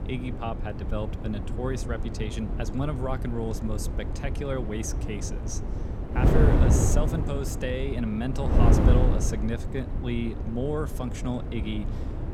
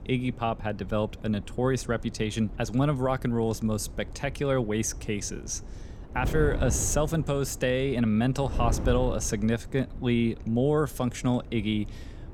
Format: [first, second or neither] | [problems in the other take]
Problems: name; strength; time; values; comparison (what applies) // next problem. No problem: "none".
second | wind noise on the microphone; heavy; 2 dB below the speech; occasional gusts in the second